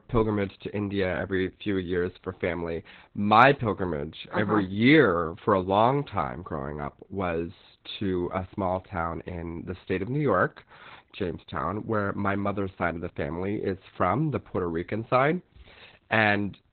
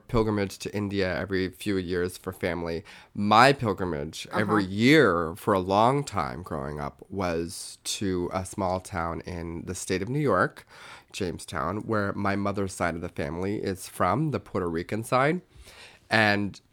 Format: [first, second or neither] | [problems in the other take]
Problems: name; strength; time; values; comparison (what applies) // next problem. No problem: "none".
second | garbled, watery; badly; nothing above 4 kHz